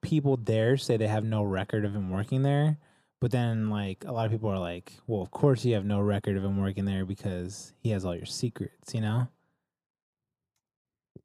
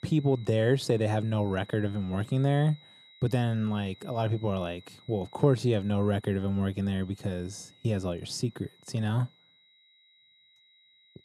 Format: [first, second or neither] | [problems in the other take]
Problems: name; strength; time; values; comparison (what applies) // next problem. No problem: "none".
first | high-pitched whine; faint; throughout; 4 kHz, 25 dB below the speech